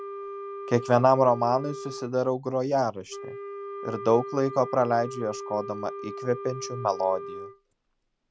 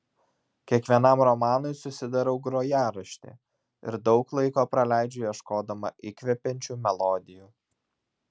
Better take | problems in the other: second | background sound (Wind instrument, woodwind instrument); 11 dB below the speech

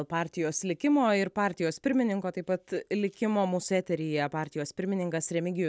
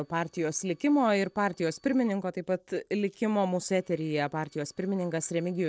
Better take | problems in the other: first | noise reduction (neural separator model SepFormer DNS4)

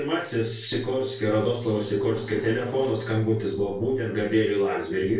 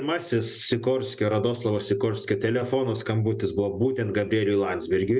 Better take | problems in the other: second | noise reduction (neural separator model SepFormer DNS4)

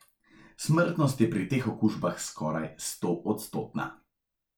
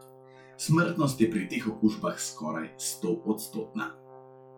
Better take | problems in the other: first | noise reduction (classical method log-MMSE)

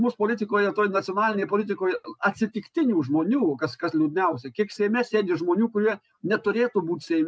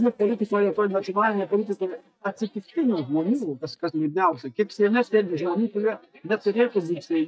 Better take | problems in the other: first | noise reduction (neural mask model DeepFilterNet 3)

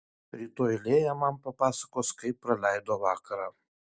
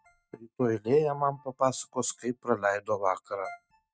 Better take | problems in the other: first | noise reduction (neural mask model RNNoise)

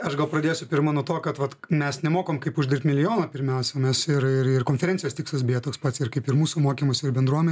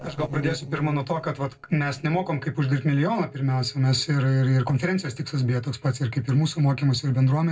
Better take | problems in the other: first | noise reduction (neural separator model SepFormer DNS4)

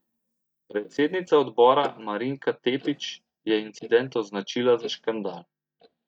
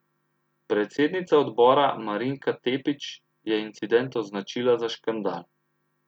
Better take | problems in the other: second | noise reduction (neural mask model DeepFilterNet 3)

